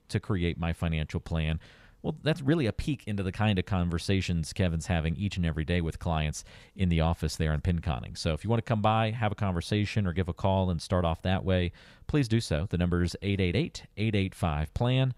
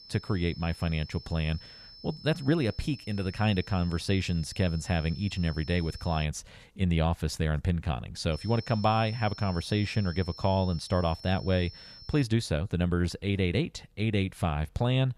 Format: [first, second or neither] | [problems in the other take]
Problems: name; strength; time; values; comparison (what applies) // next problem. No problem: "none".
first | high-pitched whine; noticeable; until 6 s and from 8.5 to 12 s; 5.5 kHz, 15 dB below the speech